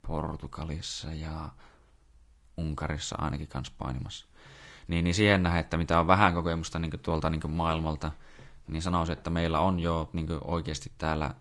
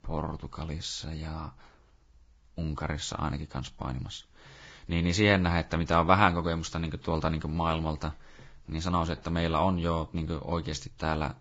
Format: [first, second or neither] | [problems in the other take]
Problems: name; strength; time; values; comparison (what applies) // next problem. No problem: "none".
first | garbled, watery; badly; nothing above 7.5 kHz; slightly in the first